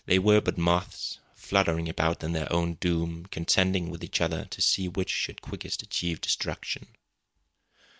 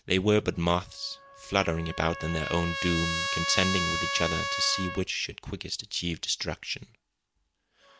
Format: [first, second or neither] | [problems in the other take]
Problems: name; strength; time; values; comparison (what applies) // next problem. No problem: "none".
first | background sound (Trumpet); 5 dB below the speech